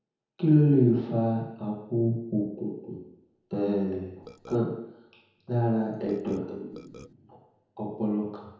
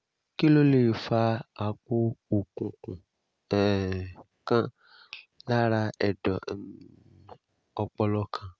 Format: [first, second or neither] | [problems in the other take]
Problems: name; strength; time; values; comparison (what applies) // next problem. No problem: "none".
second | background sound (Burping, eructation); 19 dB below the speech // room echo; dies away in 0.9 s